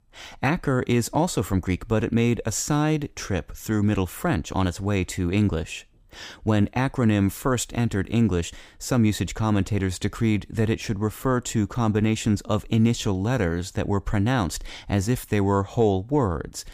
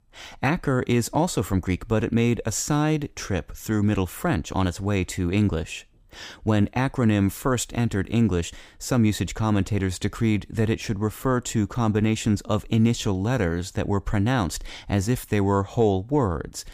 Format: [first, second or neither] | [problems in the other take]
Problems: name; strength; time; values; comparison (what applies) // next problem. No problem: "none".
neither | none